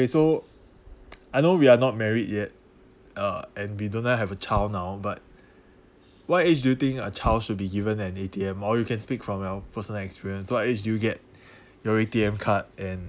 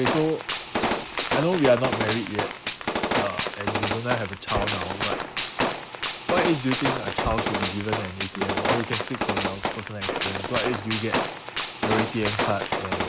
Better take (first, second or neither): first